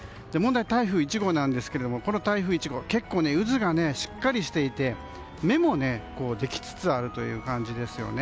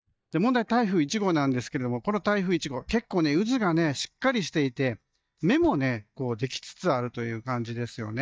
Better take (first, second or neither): first